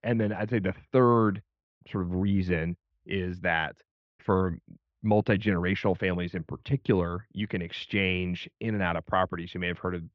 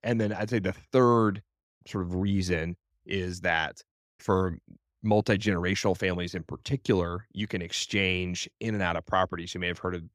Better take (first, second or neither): second